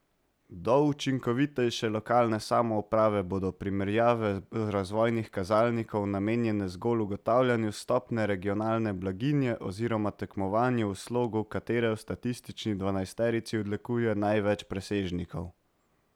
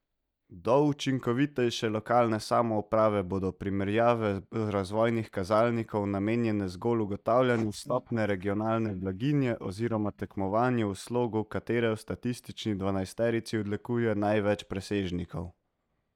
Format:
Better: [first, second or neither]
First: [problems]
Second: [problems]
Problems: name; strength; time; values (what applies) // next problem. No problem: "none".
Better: first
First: none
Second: noise reduction (neural mask model DeepFilterNet 3)